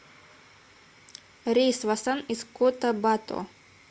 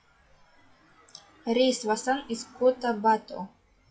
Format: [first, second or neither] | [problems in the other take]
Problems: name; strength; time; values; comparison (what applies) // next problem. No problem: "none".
first | noise reduction (classical method WPE with log-MMSE)